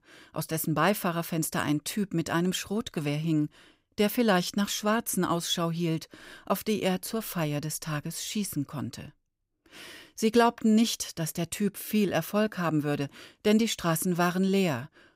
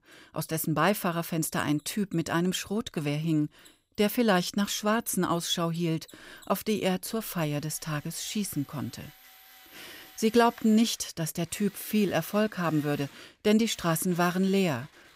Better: first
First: none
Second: machinery noise; faint; throughout; 25 dB below the speech

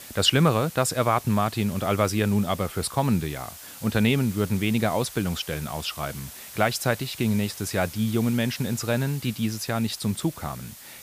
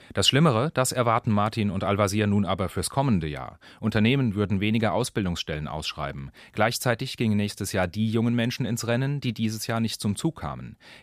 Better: second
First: hiss; noticeable; throughout; 15 dB below the speech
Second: none

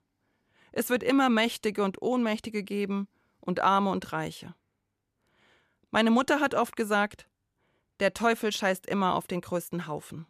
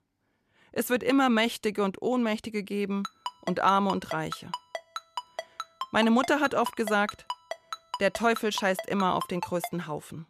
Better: first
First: none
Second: phone ringing; faint; from 3 to 9.5 s; peak 10 dB below the speech

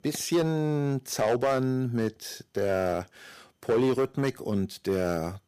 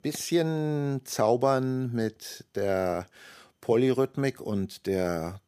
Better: second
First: distortion; slight; 5% of the sound clipped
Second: none

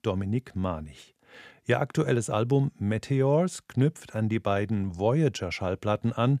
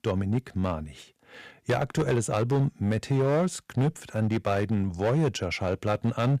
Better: first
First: none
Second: distortion; slight; 8% of the sound clipped

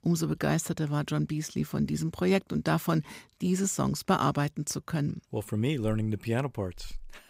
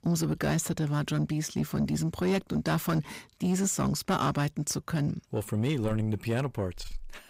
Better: first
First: none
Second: distortion; slight; 10 dB below the speech

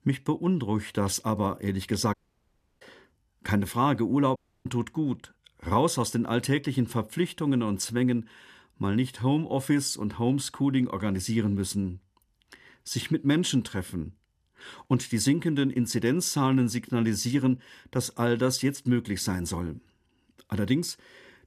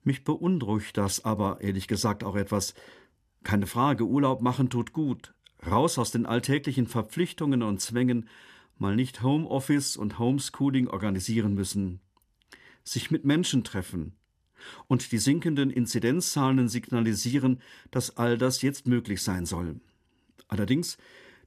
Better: second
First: audio cutting out; at 2 s for 0.5 s and at 4.5 s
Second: none

